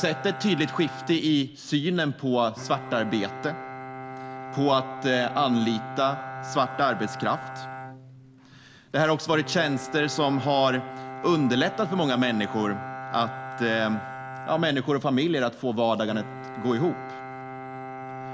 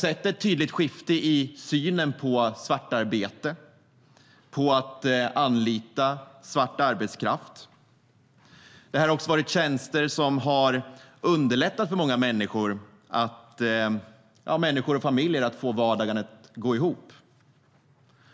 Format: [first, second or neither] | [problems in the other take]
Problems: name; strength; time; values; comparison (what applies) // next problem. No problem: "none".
second | background sound (Bowed string instrument); 11 dB below the speech